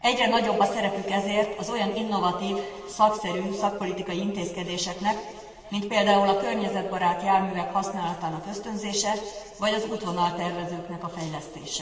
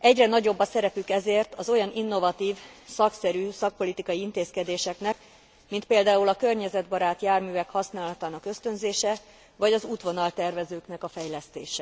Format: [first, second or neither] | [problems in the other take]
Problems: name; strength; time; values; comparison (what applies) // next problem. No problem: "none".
second | room echo; dies away in 2.5 s